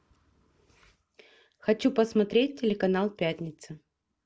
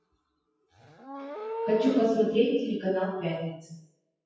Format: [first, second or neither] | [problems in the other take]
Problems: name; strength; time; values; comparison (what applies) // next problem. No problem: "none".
first | noise reduction (classical method WPE with log-MMSE)